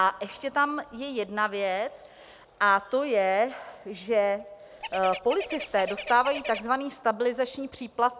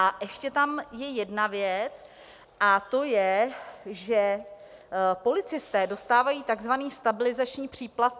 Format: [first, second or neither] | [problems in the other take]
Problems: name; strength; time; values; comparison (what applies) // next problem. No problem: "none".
second | background sound (Bird); 10 dB below the speech